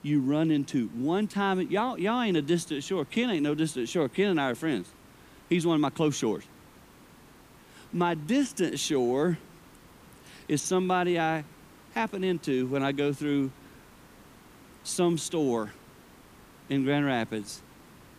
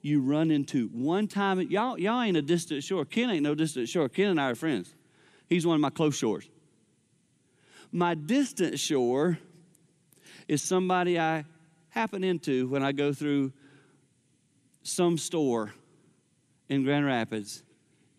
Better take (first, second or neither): second